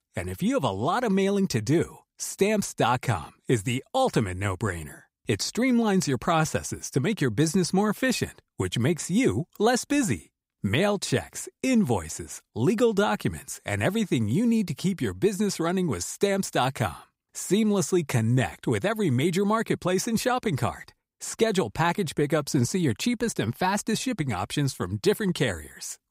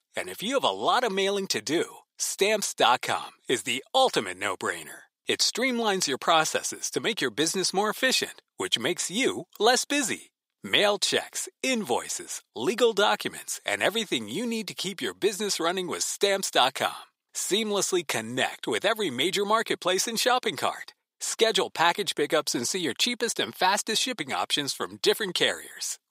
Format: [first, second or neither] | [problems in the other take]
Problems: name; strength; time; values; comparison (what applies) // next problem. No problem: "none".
first | thin; somewhat; fading below 450 Hz